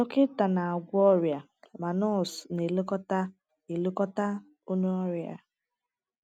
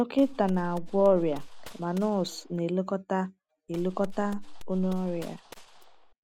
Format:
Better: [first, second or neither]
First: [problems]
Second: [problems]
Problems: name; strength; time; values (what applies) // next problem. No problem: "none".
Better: first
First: none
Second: background sound (Gunshot, gunfire); 9 dB below the speech